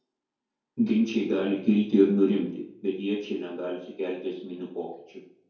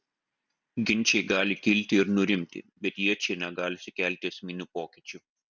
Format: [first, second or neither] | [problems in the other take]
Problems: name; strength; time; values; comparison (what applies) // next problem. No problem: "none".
second | room echo; dies away in 2.3 s